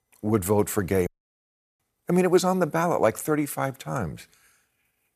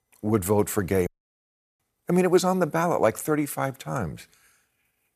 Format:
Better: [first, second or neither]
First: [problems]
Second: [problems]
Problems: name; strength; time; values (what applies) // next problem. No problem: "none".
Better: neither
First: audio cutting out; at 1 s for 0.5 s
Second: audio cutting out; at 1 s for 0.5 s